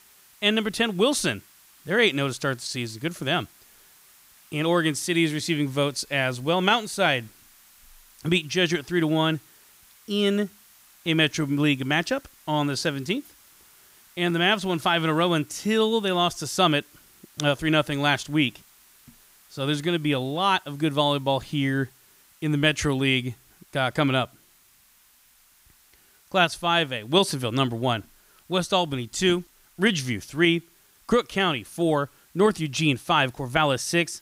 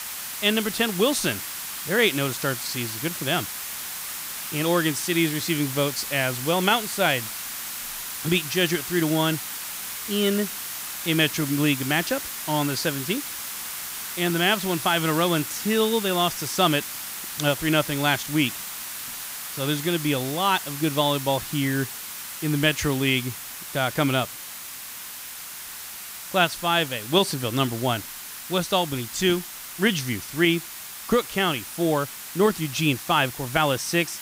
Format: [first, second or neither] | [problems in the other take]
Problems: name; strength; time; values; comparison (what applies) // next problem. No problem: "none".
first | hiss; loud; throughout; 7 dB below the speech; faint in the first